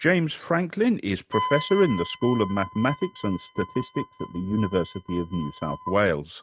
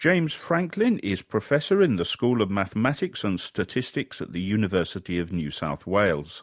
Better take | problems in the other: second | noise reduction (neural mask model RNNoise)

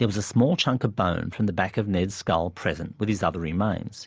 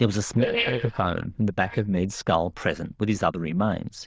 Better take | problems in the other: first | noise reduction (neural diffusion model UNIVERSE++)

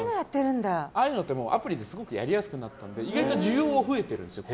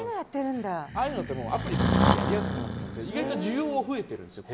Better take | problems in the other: first | background sound (Breathing); 3 dB above the speech

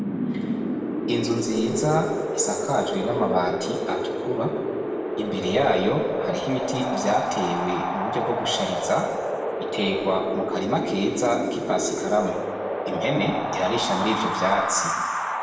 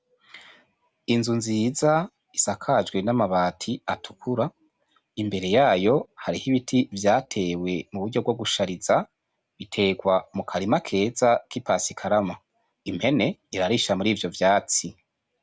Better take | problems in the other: second | background sound (Wind); 1 dB below the speech // room echo; dies away in 1.3 s

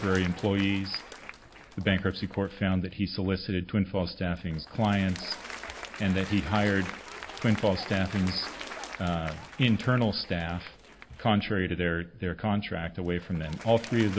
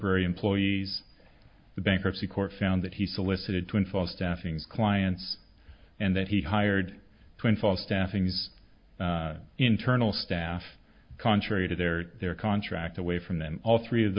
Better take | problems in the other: second | background sound (Applause); 15 dB below the speech

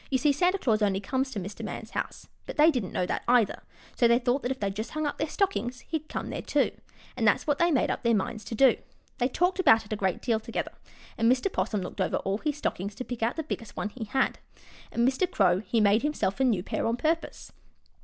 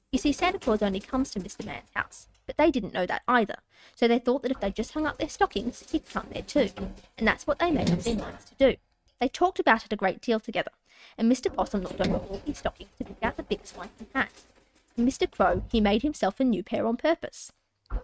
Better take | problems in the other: first | noise reduction (neural mask model RNNoise)

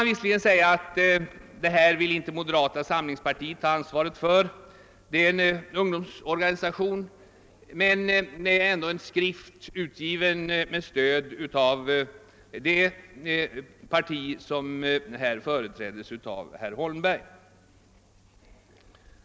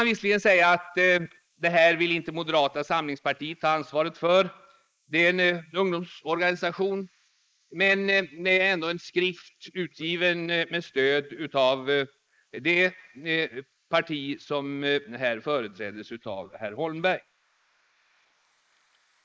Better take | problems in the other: first | noise reduction (neural mask model Resemble Enhance denoiser)

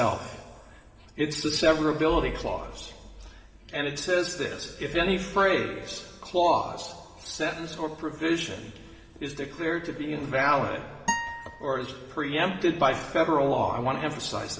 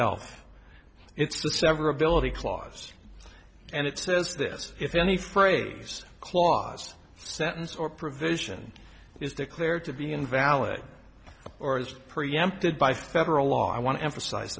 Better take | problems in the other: second | background sound (Acoustic guitar); 7 dB below the speech // room echo; dies away in 2.1 s

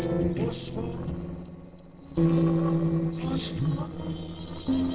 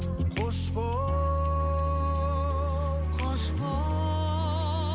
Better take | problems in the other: second | noise reduction (neural separator model SepFormer DNS4)

